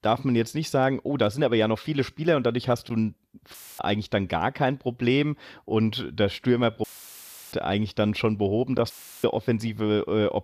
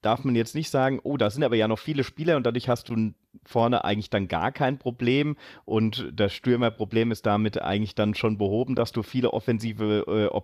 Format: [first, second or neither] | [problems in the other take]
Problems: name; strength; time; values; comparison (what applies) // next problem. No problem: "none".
second | audio cutting out; filled with static; at 3.5 s, at 7 s for 0.5 s and at 9 s